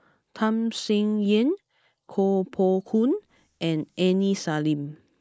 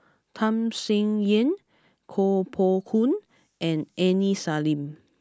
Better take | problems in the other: second | noise reduction (neural mask model Resemble Enhance denoiser)

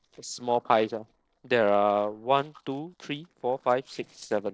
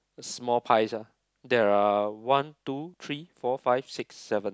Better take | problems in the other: second | noise reduction (neural separator model SepFormer DNS4)

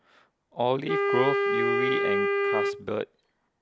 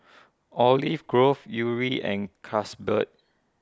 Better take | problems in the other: second | background sound (Wind instrument, woodwind instrument); 4 dB above the speech

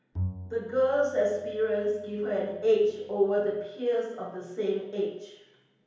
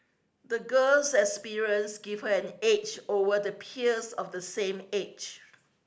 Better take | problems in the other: second | background sound (Bowed string instrument); 12 dB below the speech // room echo; dies away in 2.2 s

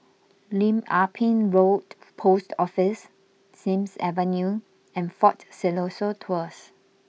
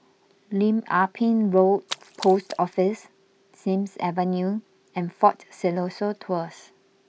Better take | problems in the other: first | background sound (Splash, splatter); 15 dB below the speech

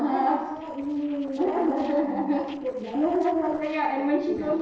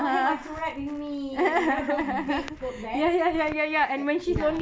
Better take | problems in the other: second | noise reduction (neural separator model SepFormer DNS4)

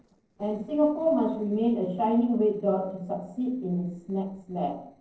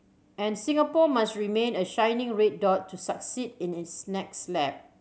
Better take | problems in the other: second | noise reduction (neural separator model SepFormer DNS4)

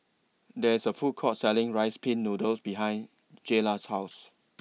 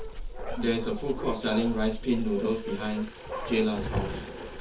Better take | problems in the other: first | background sound (Bark); 5 dB below the speech // room echo; dies away in 0.2 s

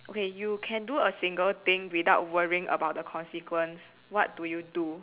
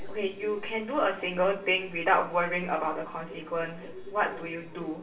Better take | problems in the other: first | background sound (Subway, metro, underground); 17 dB below the speech // room echo; dies away in 0.3 s

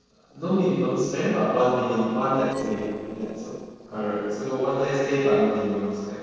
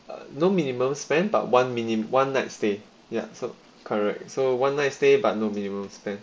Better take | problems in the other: second | noise reduction (neural separator model SepFormer DNS4)

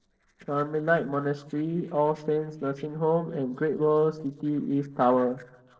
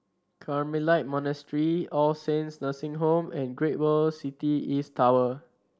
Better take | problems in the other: second | noise reduction (neural separator model SepFormer DNS4)

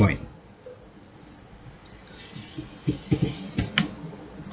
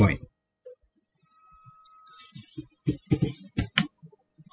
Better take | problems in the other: first | noise reduction (classical method spectral subtraction)

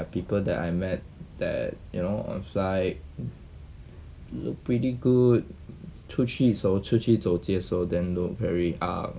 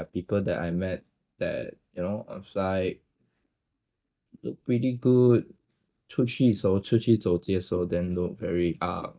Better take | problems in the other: first | noise reduction (neural mask model DeepFilterNet 3)

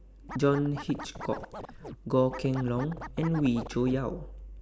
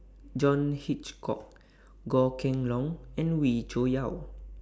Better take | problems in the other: second | background sound (Scratching (performance technique)); 12 dB below the speech

